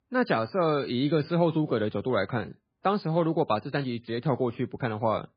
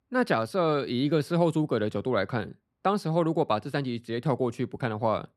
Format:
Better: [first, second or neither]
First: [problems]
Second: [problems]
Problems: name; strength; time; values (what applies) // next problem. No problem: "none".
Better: second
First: garbled, watery; badly; nothing above 4.5 kHz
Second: none